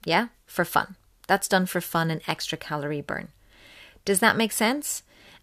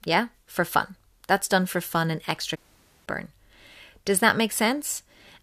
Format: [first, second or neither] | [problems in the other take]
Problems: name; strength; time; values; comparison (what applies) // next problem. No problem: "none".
first | audio cutting out; at 2.5 s for 0.5 s